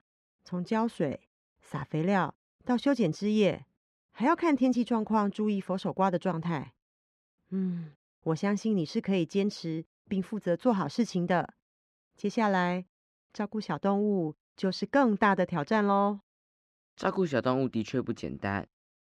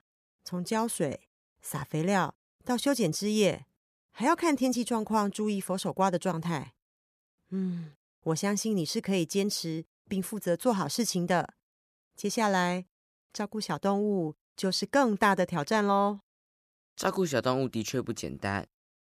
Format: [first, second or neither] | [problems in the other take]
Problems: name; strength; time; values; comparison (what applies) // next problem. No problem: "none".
second | muffled; slightly; fading above 3 kHz